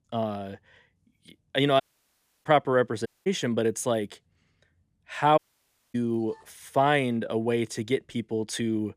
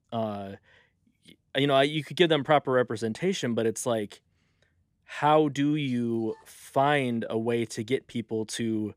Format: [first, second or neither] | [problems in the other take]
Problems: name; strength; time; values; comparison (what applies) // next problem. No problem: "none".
second | audio cutting out; at 2 s for 0.5 s, at 3 s and at 5.5 s for 0.5 s